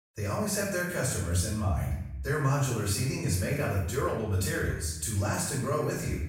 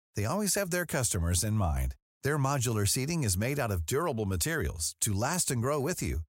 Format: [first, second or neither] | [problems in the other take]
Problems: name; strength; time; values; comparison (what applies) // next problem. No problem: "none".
second | off-mic speech; far // room echo; noticeable; dies away in 0.8 s